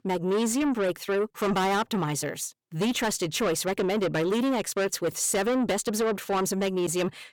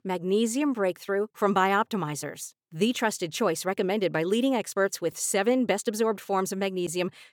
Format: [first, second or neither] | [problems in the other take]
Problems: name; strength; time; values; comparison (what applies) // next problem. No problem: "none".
second | distortion; heavy; 8 dB below the speech